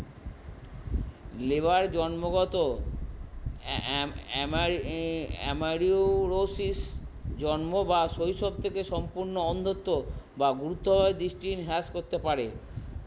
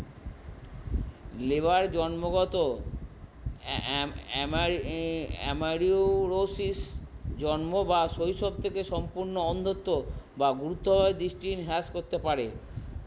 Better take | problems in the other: second | background sound (Boom); 14 dB below the speech

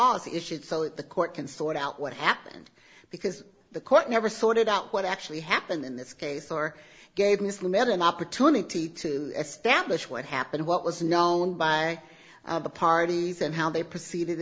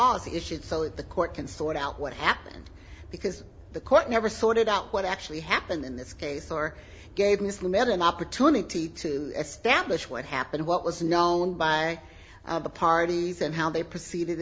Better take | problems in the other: first | background sound (Aircraft); 20 dB below the speech

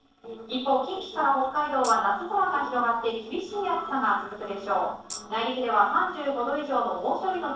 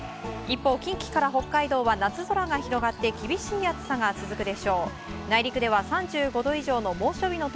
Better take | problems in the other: second | noise reduction (neural separator model SepFormer DNS4)

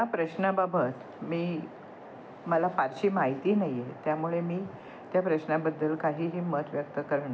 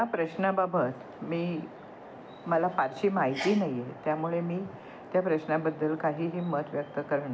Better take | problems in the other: first | background sound (Sneeze); 20 dB below the speech

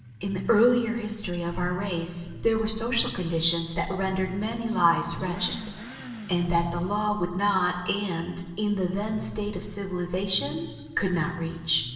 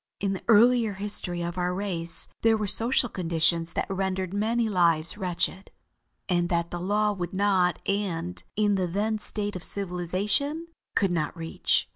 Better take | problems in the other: second | background sound (Motorcycle / Accelerating, revving, vroom); 15 dB below the speech // room echo; dies away in 1.2 s

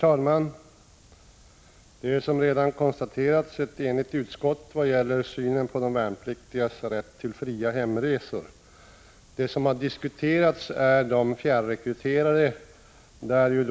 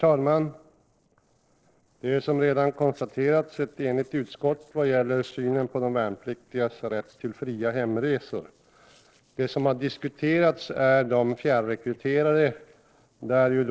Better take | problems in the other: first | noise reduction (neural separator model SepFormer DNS4)

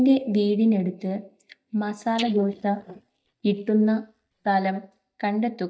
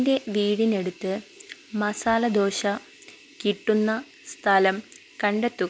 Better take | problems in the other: second | noise reduction (neural mask model DeepFilterNet 3)

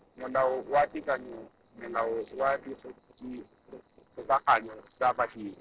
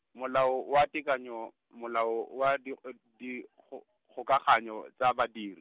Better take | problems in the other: second | noise reduction (neural separator model SepFormer DNS4)

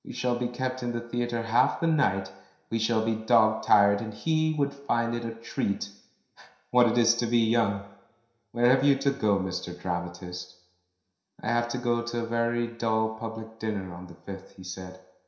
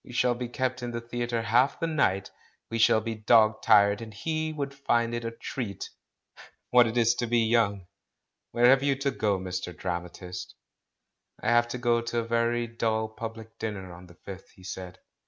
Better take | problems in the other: second | room echo; dies away in 0.7 s

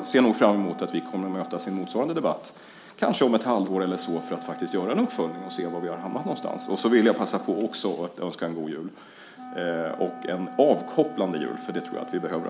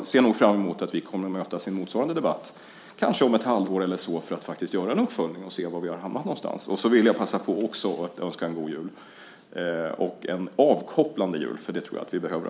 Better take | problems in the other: second | background sound (Wind instrument, woodwind instrument); 14 dB below the speech

